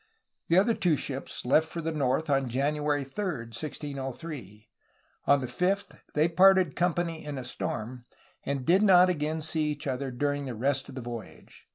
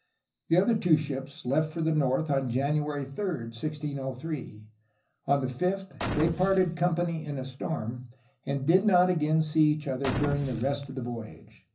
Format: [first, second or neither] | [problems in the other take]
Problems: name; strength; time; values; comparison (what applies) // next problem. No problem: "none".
first | background sound (Boom); 7 dB below the speech // room echo; dies away in 0.4 s